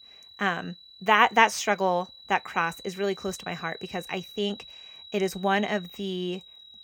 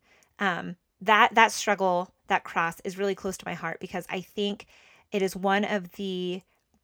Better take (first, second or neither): second